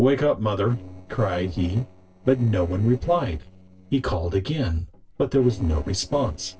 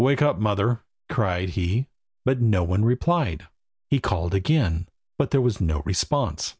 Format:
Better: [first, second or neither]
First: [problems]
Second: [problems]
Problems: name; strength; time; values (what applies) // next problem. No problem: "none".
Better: second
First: noise reduction (neural separator model SepFormer DNS4)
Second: none